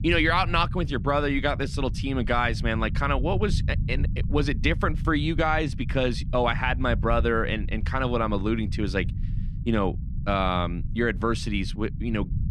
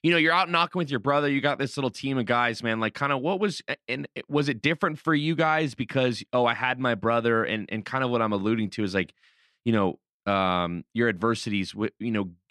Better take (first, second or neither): second